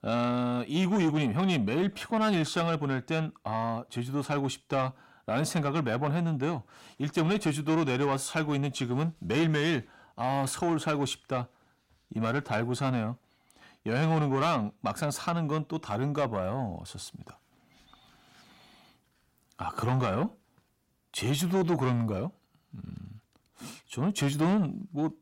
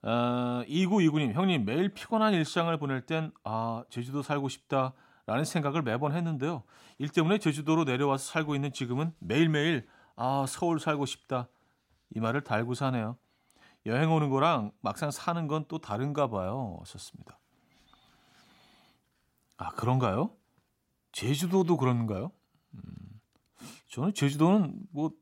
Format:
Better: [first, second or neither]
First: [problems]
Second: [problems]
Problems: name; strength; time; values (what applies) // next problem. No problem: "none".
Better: second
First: distortion; slight; 10 dB below the speech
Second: none